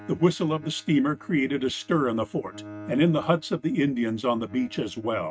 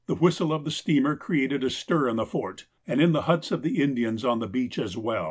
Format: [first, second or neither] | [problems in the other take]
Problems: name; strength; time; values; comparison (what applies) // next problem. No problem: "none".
second | noise reduction (neural mask model RNNoise)